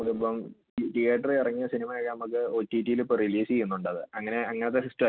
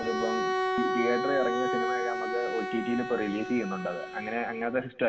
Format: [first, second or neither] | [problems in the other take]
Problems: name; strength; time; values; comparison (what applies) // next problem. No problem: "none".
first | background sound (Bowed string instrument); 1 dB below the speech // room echo; dies away in 0.8 s